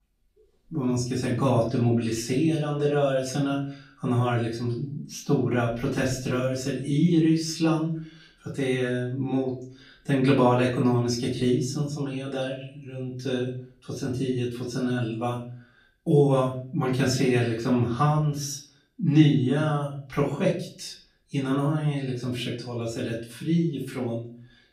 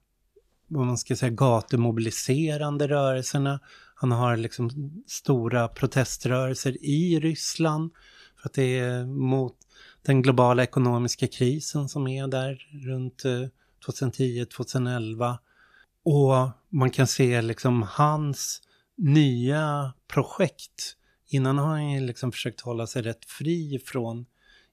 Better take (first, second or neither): second